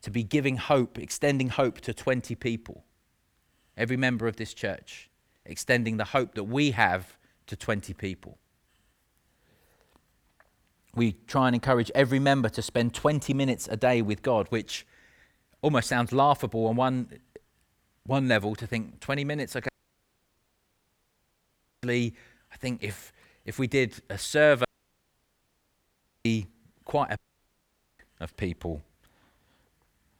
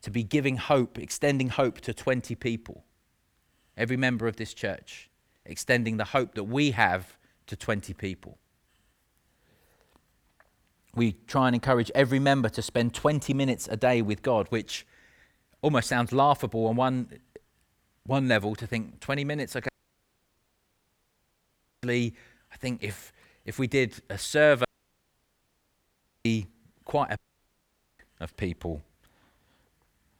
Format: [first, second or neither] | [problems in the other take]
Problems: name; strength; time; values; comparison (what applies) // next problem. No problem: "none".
neither | audio cutting out; at 20 s for 2 s, at 25 s for 1.5 s and at 27 s for 1 s; the same in both